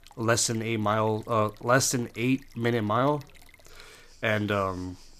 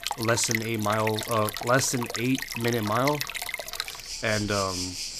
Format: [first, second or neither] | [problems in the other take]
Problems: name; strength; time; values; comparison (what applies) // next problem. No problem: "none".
first | rain or running water; loud; throughout; 5 dB below the speech; faint in the first